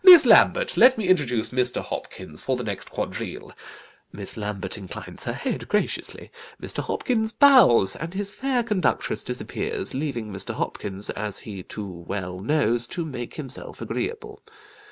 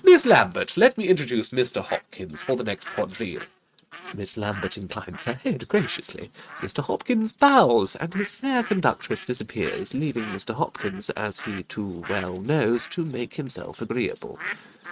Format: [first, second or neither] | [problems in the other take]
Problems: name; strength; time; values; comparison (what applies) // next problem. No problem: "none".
first | noise reduction (neural mask model RNNoise)